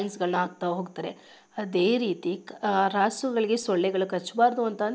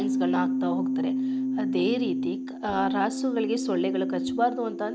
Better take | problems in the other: first | background sound (Keyboard (musical)); 1 dB above the speech

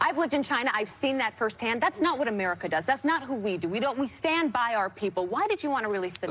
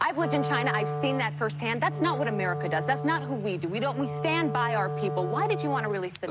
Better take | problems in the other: first | background sound (Wind instrument, woodwind instrument); 4 dB below the speech

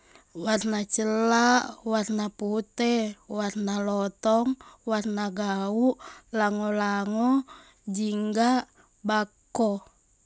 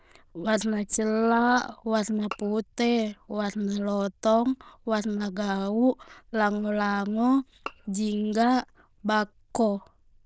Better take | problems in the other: first | noise reduction (neural diffusion model UNIVERSE++)

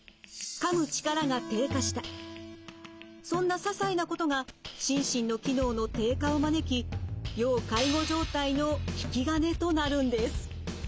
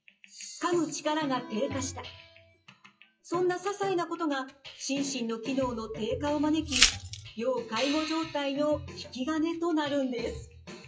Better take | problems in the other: first | noise reduction (classical method WPE with log-MMSE)

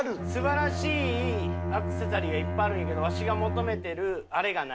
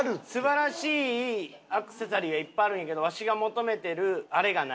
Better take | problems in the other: second | background sound (Bowed string instrument); 1 dB below the speech

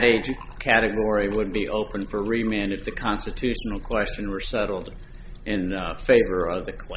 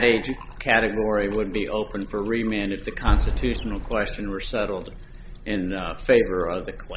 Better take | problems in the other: first | background sound (Boom); 1 dB below the speech

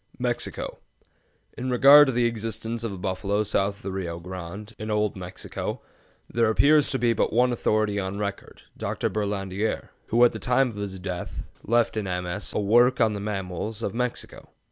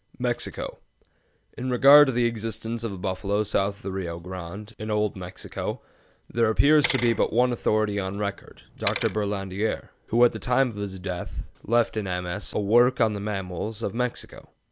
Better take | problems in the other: first | background sound (Bicycle); 12 dB below the speech

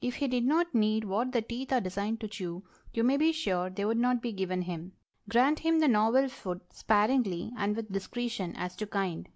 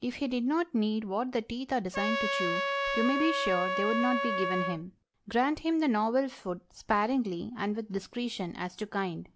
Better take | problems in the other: first | background sound (Trumpet); 1 dB below the speech

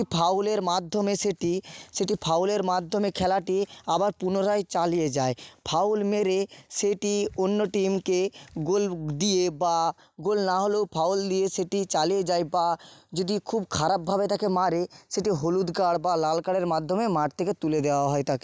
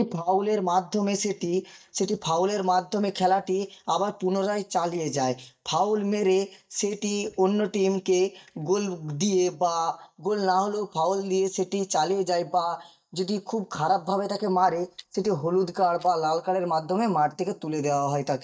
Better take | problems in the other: first | noise reduction (neural mask model DeepFilterNet 3)

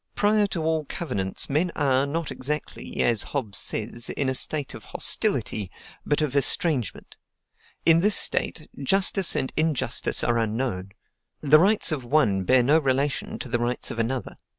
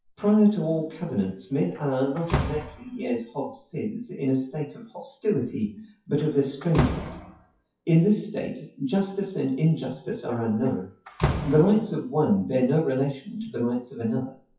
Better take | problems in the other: first | noise reduction (classical method WPE with log-MMSE)

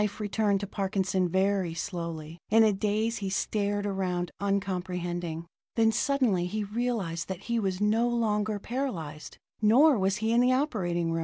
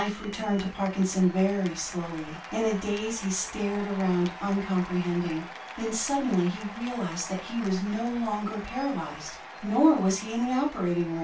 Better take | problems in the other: first | background sound (Applause / Cheering); 14 dB below the speech // room echo; dies away in 0.2 s

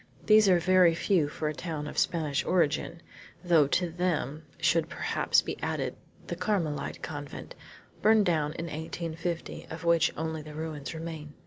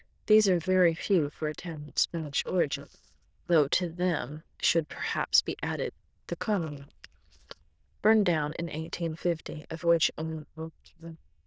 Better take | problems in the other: first | noise reduction (neural diffusion model UNIVERSE++)

